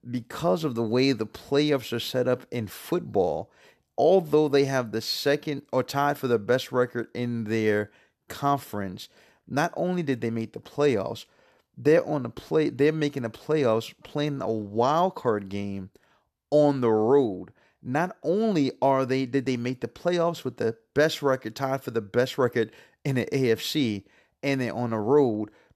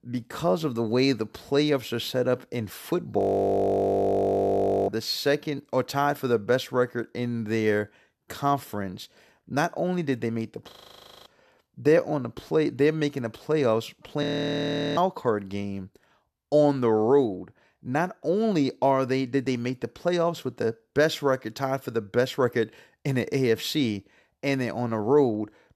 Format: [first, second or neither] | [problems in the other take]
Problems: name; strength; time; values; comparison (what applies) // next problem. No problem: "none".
first | audio freezing; at 3 s for 1.5 s, at 11 s for 0.5 s and at 14 s for 0.5 s